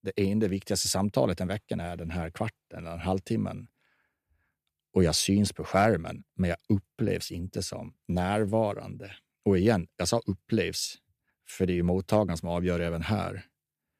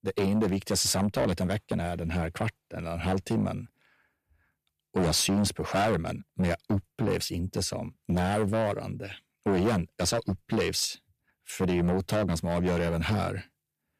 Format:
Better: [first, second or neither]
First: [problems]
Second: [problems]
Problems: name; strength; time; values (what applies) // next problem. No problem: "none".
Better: first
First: none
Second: distortion; heavy; 7 dB below the speech